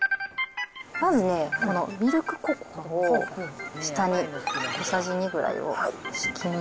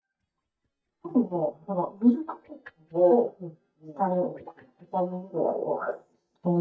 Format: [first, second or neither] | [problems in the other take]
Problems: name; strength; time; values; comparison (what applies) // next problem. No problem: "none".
first | noise reduction (neural mask model DeepFilterNet 3)